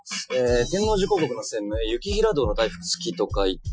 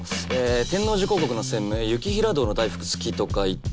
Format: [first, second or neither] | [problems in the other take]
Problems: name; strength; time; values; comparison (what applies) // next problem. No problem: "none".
second | noise reduction (classical method Wiener filter)